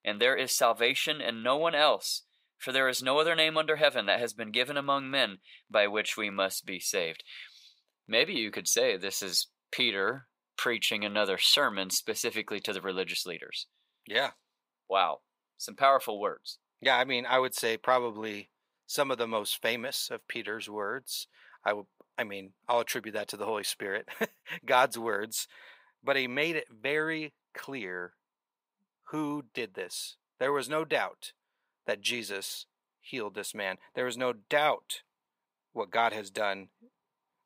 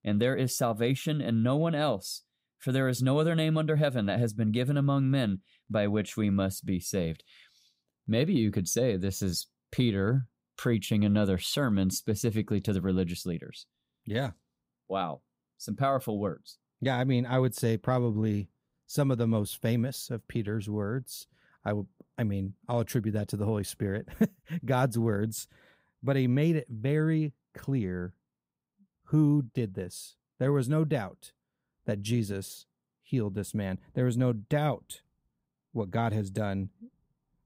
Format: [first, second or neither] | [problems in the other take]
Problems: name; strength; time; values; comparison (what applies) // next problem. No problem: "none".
second | thin; very; fading below 600 Hz